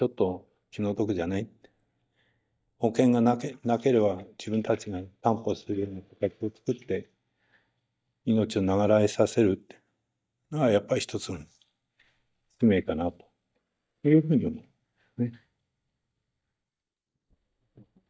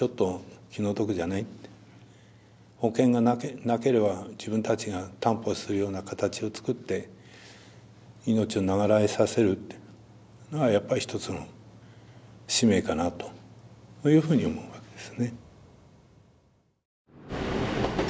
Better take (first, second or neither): second